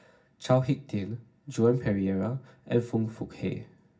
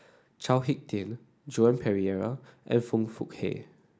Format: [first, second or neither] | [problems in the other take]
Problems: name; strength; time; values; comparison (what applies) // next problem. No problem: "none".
second | room echo; dies away in 0.4 s